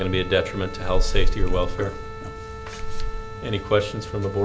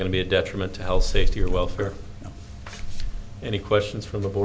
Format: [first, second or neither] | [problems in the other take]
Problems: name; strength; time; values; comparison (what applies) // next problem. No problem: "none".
second | background sound (Wind instrument, woodwind instrument); 16 dB below the speech